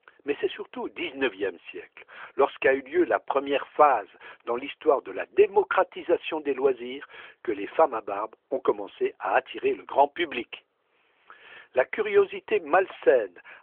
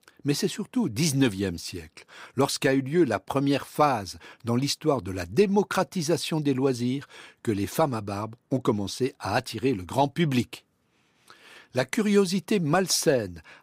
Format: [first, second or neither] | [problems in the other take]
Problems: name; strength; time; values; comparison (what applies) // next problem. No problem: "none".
second | phone-call audio; nothing above 3 kHz